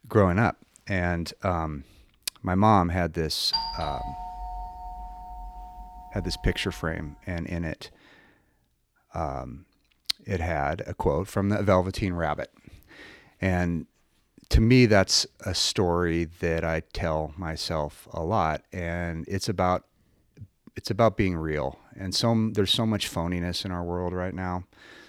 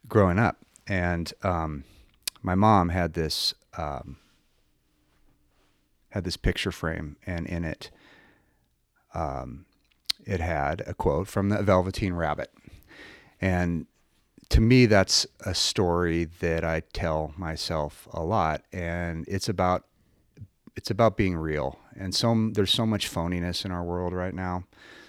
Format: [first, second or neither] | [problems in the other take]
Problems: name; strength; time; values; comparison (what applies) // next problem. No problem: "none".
second | doorbell; noticeable; from 3.5 to 7 s; peak 1 dB below the speech